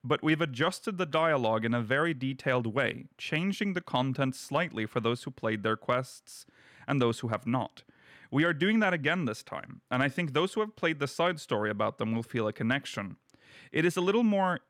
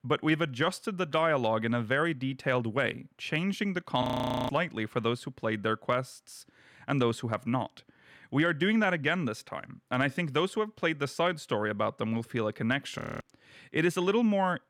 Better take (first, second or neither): first